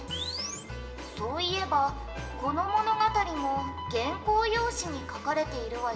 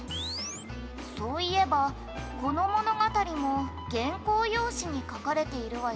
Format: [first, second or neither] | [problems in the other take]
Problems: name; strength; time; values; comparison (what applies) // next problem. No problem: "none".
second | room echo; dies away in 0.7 s